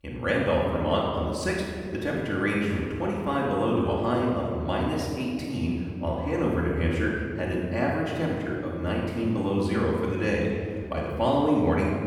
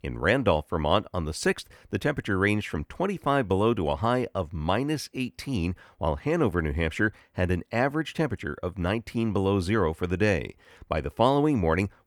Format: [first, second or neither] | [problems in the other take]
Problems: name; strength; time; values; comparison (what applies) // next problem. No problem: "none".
second | off-mic speech; far // room echo; strong; dies away in 2 s